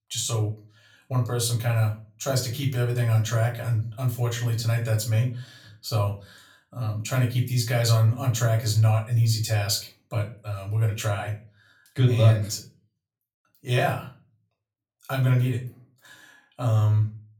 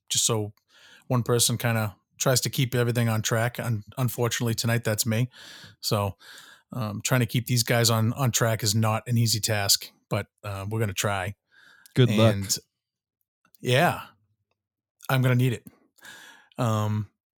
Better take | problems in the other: second | off-mic speech; far // room echo; very slight; dies away in 0.3 s

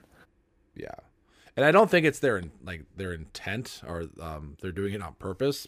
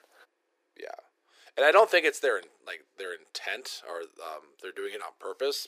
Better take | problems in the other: first | thin; very; fading below 400 Hz

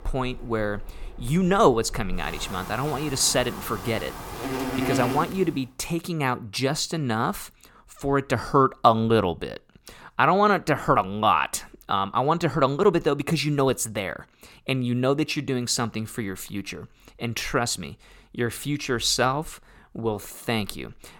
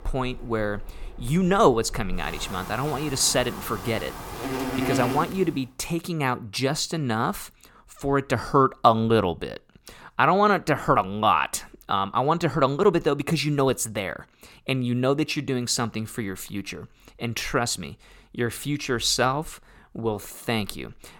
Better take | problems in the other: neither | animal sounds; loud; until 5.5 s; 9 dB below the speech; the same in both

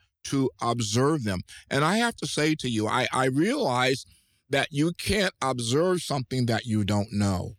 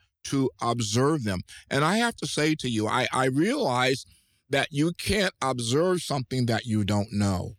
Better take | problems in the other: neither | none

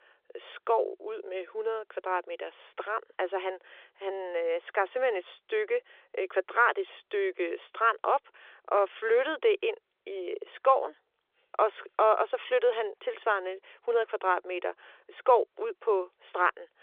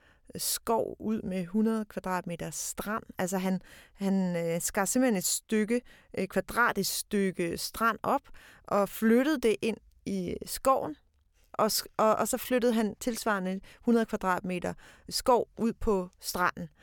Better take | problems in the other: second | phone-call audio; nothing above 3.5 kHz

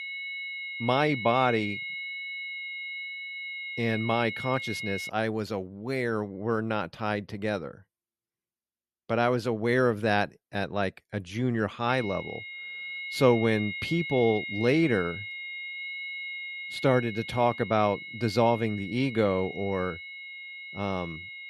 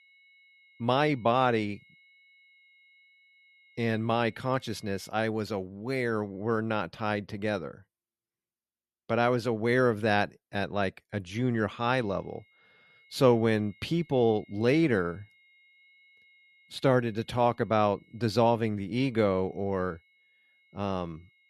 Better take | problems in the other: second | high-pitched whine; loud; until 5 s and from 12 s on; 2 kHz, 7 dB below the speech; faint in the second

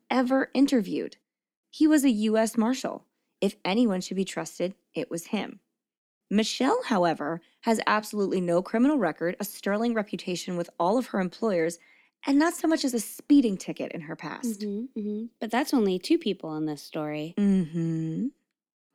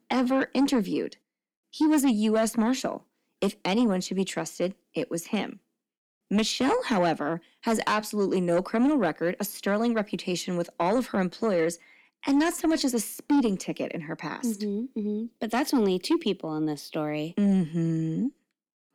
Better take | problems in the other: first | distortion; slight; 10 dB below the speech

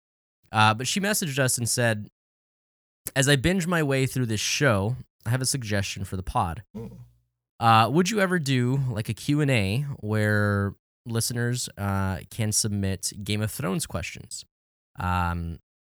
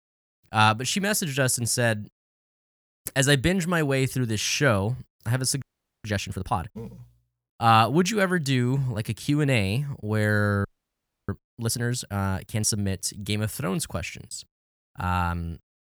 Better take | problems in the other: first | audio freezing; at 5.5 s and at 11 s for 0.5 s

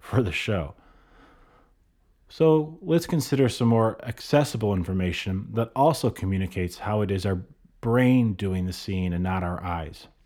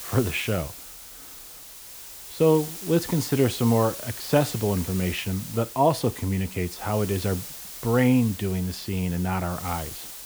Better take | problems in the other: first | hiss; noticeable; throughout; 10 dB below the speech

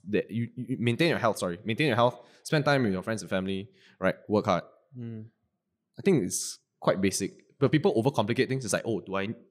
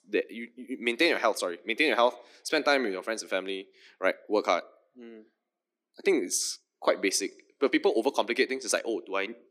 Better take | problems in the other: first | thin; somewhat; fading below 250 Hz

